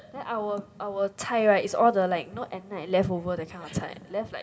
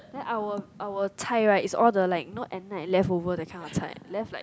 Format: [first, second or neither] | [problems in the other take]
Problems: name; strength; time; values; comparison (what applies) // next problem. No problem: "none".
second | room echo; dies away in 1.6 s